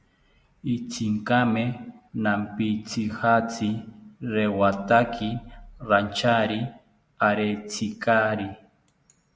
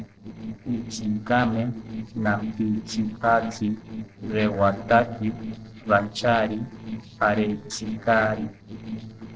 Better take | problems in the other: first | noise reduction (neural separator model SepFormer DNS4)

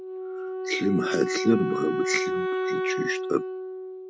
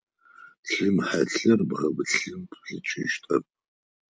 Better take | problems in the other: second | background sound (Wind instrument, woodwind instrument); 1 dB below the speech

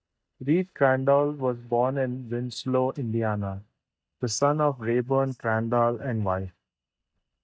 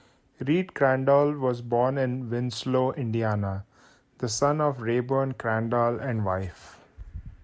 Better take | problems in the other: second | noise reduction (neural mask model DeepFilterNet 3)

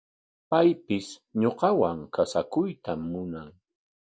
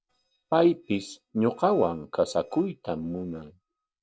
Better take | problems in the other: first | noise reduction (neural separator model SepFormer DNS4)

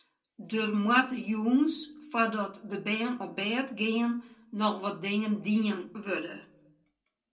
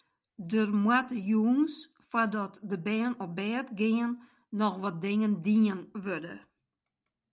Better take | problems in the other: second | room echo; dies away in 0.2 s

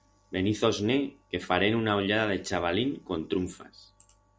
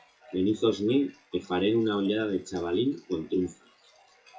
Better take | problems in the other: first | noise reduction (classical method WPE with log-MMSE)

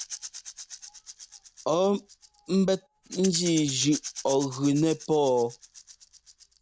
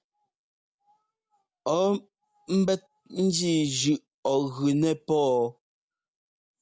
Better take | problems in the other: second | background sound (Rattle / Rattle (instrument)); 14 dB below the speech

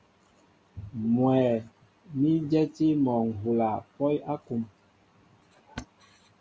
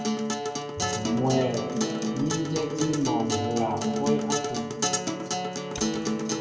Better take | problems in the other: first | background sound (Acoustic guitar); 1 dB above the speech // room echo; dies away in 2 s

